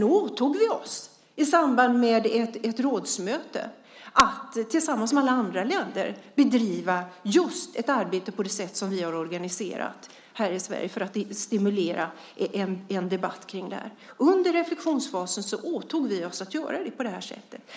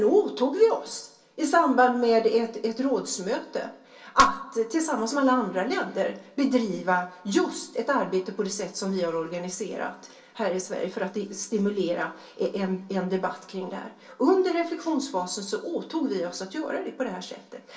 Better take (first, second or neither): first